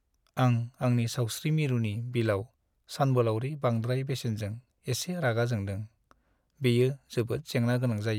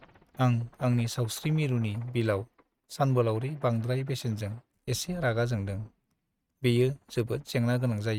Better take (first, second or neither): first